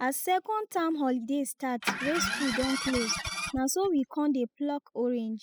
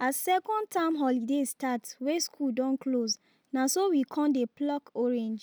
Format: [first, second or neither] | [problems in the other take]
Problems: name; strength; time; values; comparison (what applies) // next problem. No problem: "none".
second | noise reduction (classical method spectral subtraction)